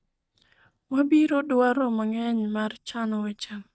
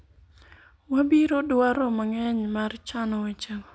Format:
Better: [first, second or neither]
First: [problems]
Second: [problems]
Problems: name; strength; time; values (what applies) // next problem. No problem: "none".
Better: second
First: noise reduction (neural mask model DeepFilterNet 3)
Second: none